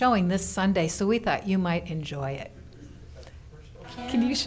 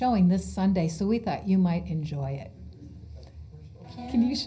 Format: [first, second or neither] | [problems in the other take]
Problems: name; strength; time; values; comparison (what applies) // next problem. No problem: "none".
first | room echo; dies away in 0.4 s